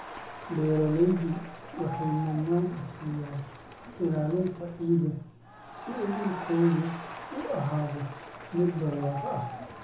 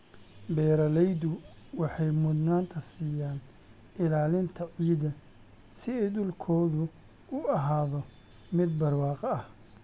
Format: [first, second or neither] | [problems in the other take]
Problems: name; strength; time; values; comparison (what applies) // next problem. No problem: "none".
second | background sound (Crowd); 12 dB below the speech // room echo; dies away in 0.6 s